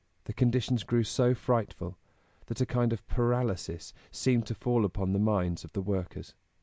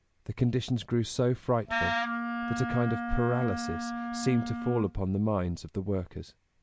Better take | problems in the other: first | background sound (Wind instrument, woodwind instrument); 3 dB below the speech

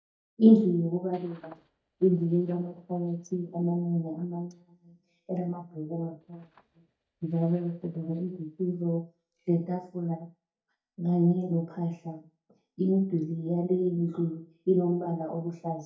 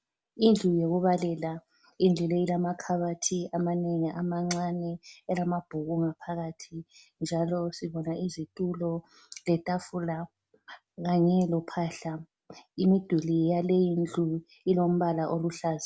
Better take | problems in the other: second | noise reduction (neural mask model DeepFilterNet 3)

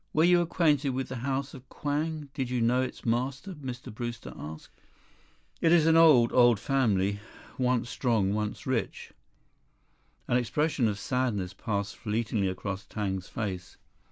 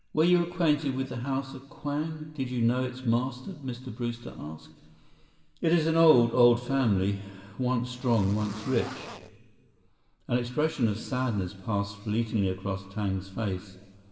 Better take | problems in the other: first | background sound (Zipper (clothing)); 14 dB below the speech // room echo; dies away in 1.7 s

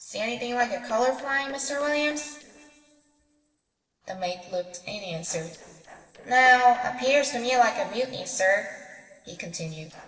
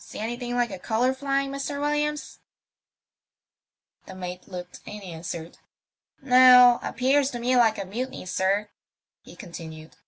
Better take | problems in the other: second | noise reduction (neural separator model SepFormer DNS4)

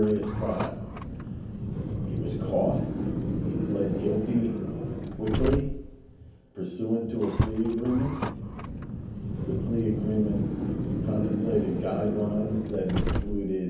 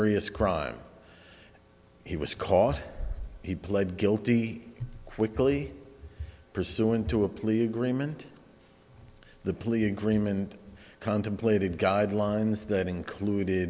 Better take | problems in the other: second | background sound (Car); 1 dB below the speech // room echo; dies away in 0.7 s

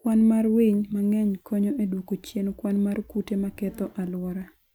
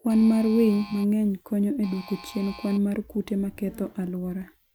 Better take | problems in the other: first | background sound (Alarm); 19 dB below the speech

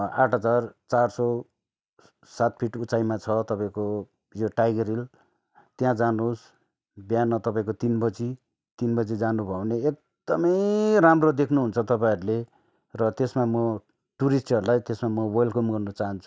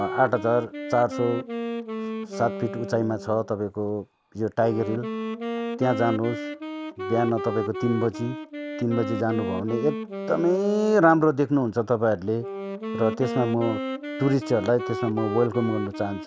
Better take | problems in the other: first | background sound (Wind instrument, woodwind instrument); 7 dB below the speech

